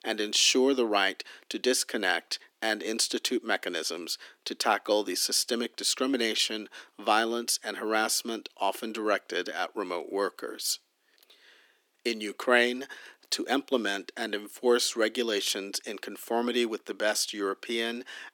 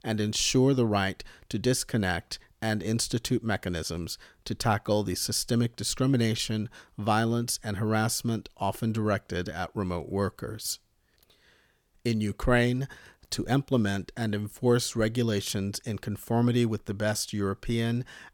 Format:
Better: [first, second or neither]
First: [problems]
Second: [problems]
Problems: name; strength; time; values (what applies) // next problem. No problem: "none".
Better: second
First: thin; somewhat; fading below 250 Hz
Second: none